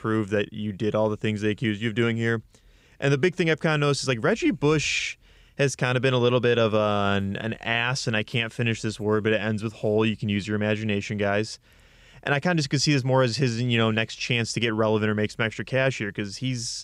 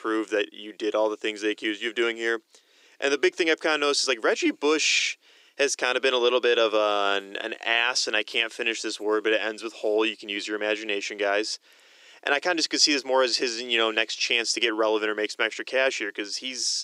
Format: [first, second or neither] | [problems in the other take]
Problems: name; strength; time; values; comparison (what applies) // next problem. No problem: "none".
first | thin; very; fading below 300 Hz